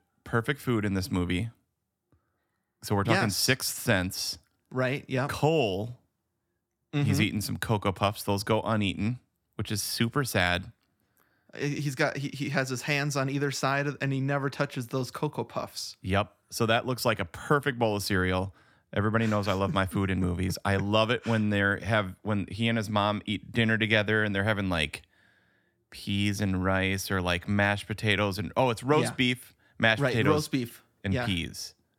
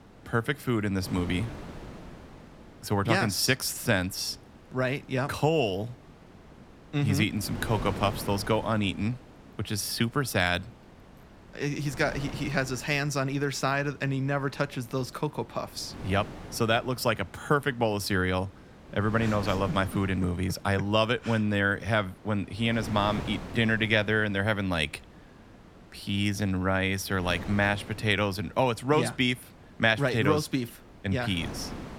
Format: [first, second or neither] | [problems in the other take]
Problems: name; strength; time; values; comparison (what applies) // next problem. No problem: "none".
first | wind noise on the microphone; occasional gusts; 20 dB below the speech